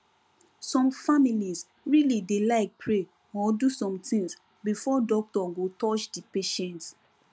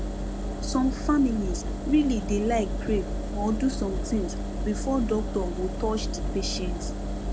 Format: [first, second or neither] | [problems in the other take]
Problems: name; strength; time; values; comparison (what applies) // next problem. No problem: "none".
first | background sound (Engine); 2 dB below the speech